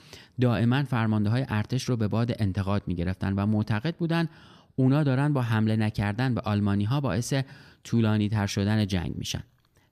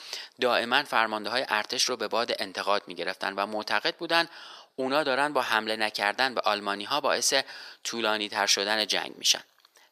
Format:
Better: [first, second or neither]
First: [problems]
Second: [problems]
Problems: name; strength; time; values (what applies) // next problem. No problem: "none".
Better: first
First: none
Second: thin; very; fading below 550 Hz